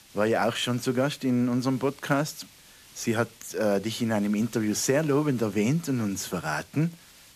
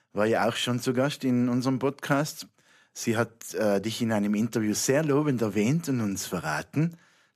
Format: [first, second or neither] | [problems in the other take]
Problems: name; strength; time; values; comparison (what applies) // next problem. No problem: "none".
second | hiss; faint; throughout; 25 dB below the speech